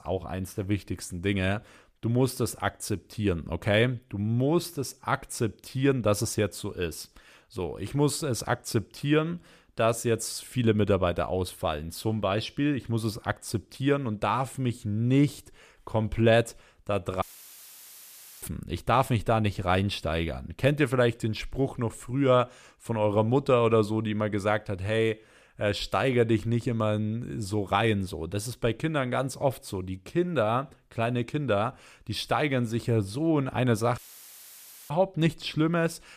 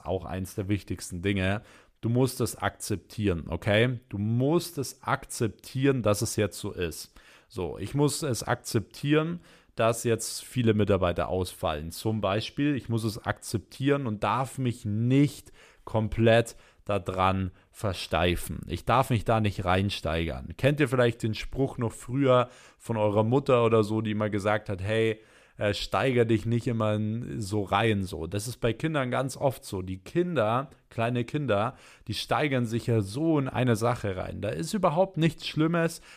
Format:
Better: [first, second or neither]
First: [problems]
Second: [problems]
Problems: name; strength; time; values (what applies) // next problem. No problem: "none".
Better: second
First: audio cutting out; filled with static; at 17 s for 1 s and at 34 s for 1 s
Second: none